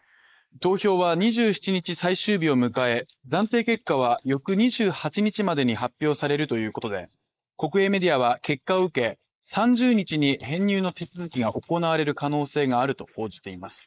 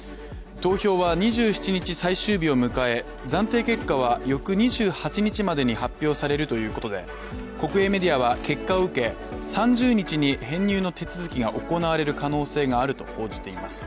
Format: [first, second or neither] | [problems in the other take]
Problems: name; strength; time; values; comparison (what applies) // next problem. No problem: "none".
second | noise reduction (neural mask model Resemble Enhance denoiser)